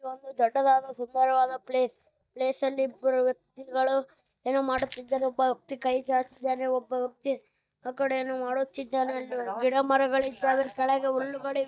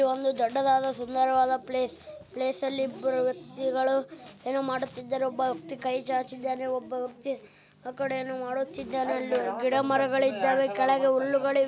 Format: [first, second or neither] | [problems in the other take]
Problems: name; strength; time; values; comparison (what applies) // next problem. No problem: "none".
second | noise reduction (neural mask model DeepFilterNet 3)